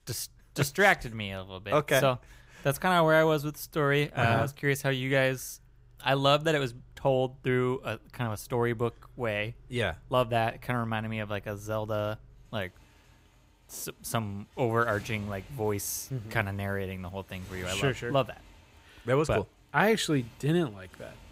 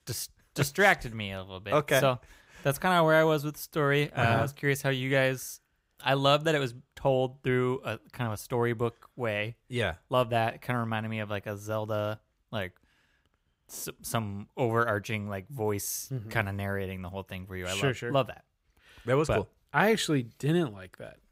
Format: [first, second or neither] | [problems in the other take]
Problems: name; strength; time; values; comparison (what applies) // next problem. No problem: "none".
second | traffic noise; faint; throughout; 25 dB below the speech